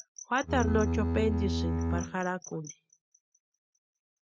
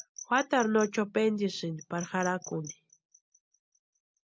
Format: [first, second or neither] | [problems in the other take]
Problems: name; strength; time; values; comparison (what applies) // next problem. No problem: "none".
second | noise reduction (neural mask model RNNoise)